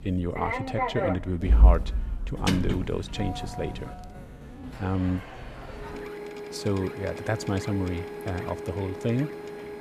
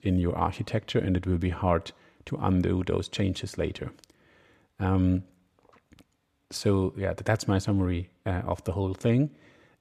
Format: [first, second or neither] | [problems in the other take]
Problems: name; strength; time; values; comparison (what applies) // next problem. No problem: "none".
second | household noises; very loud; throughout; as loud as the speech